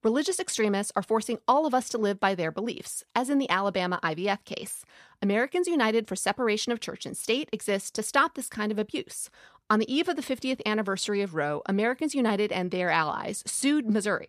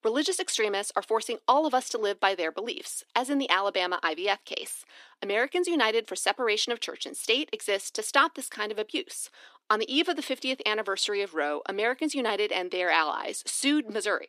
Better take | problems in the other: first | thin; very slightly; fading below 300 Hz

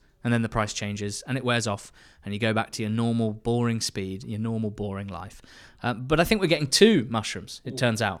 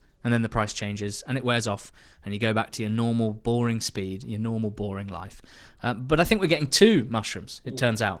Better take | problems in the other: first | garbled, watery; slightly

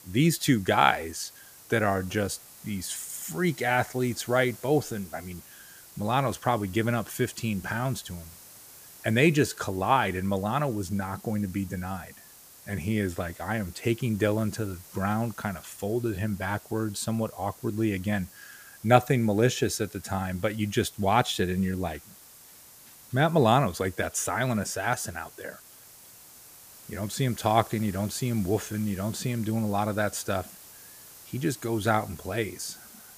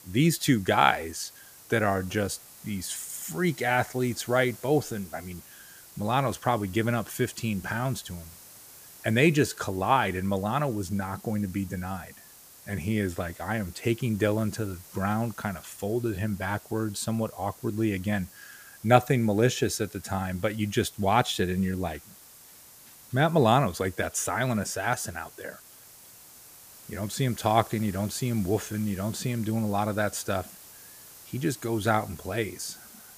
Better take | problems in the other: neither | hiss; noticeable; throughout; 20 dB below the speech; the same in both

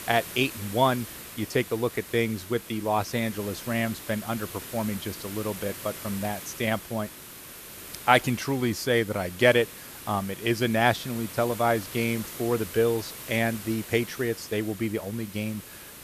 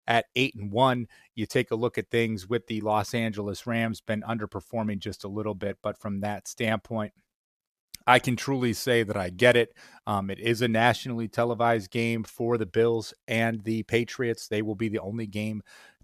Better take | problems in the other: second | hiss; noticeable; throughout; 10 dB below the speech

